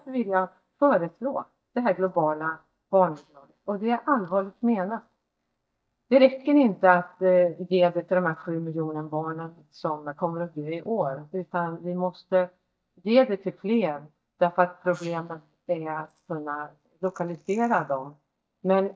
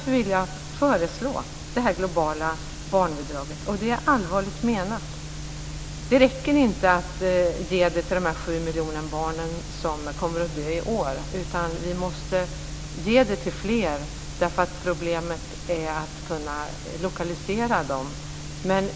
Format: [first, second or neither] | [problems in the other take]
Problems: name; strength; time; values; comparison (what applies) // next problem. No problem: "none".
second | noise reduction (neural mask model DeepFilterNet 3)